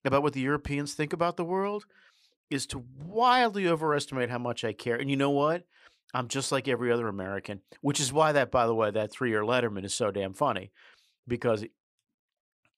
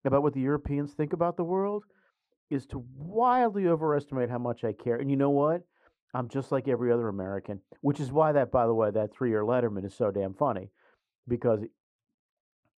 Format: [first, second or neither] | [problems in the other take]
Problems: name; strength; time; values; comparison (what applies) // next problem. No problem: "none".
first | muffled; very; fading above 2 kHz